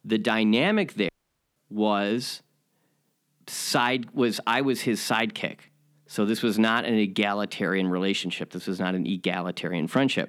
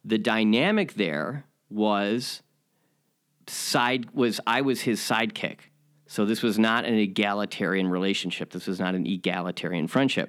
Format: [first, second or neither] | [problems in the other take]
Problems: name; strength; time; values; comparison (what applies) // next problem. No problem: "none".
second | audio cutting out; at 1 s